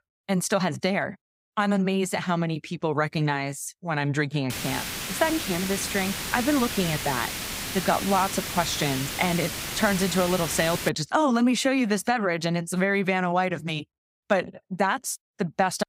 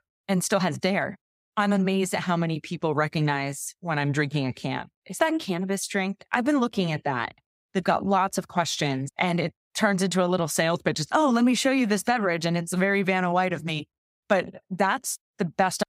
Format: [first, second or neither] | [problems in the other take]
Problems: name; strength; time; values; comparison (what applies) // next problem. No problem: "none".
second | hiss; loud; from 4.5 to 11 s; 4 dB below the speech